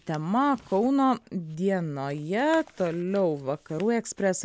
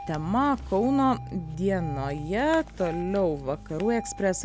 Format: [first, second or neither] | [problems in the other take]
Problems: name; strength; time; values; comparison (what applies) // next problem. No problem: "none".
first | background sound (Engine starting); 12 dB below the speech